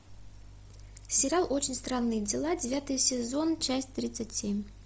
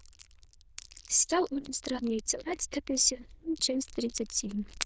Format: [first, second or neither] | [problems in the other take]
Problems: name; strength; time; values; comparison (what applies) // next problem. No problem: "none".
first | noise reduction (neural diffusion model UNIVERSE++)